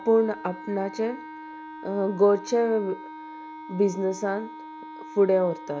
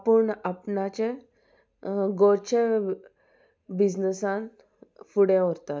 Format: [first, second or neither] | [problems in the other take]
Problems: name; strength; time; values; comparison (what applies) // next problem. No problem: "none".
second | background sound (Wind instrument, woodwind instrument); 14 dB below the speech